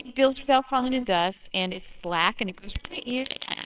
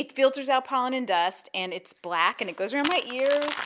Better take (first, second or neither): second